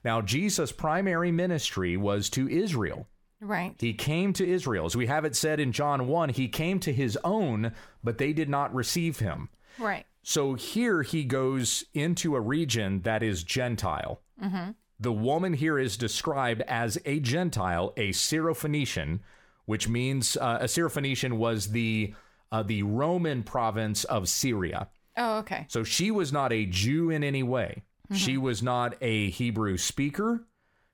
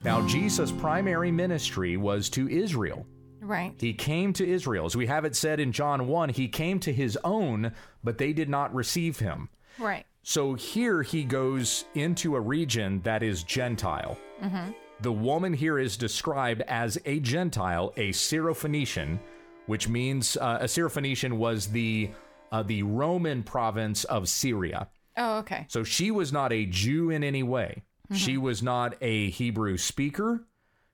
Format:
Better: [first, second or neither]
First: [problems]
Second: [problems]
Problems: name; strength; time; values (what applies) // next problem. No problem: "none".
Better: first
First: none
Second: background music; noticeable; throughout; 15 dB below the speech